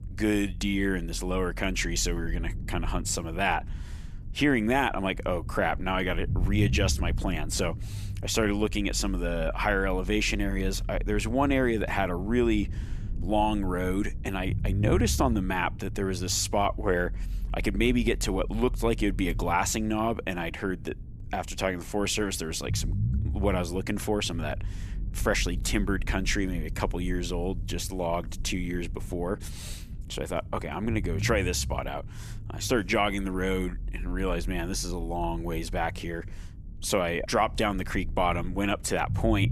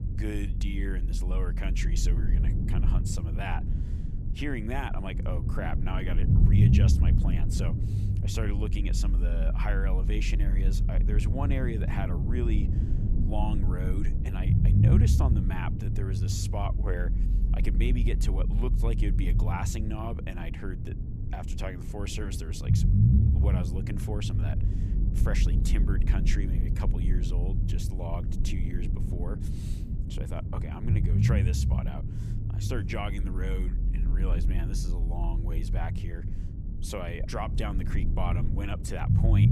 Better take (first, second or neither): first